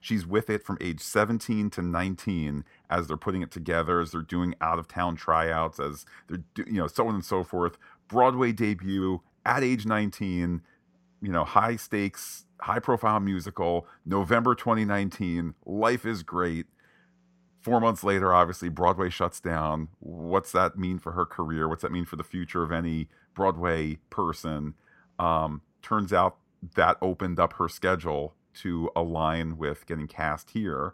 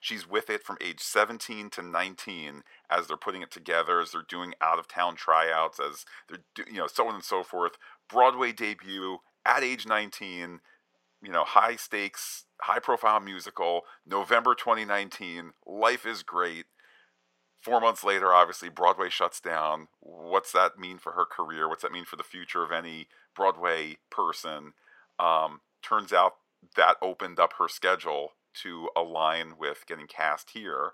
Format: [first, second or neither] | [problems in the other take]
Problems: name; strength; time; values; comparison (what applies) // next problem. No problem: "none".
first | thin; very; fading below 600 Hz